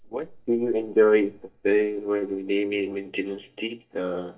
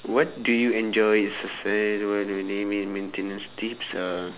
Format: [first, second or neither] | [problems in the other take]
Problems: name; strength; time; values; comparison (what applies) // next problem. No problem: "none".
second | noise reduction (neural mask model DeepFilterNet 3)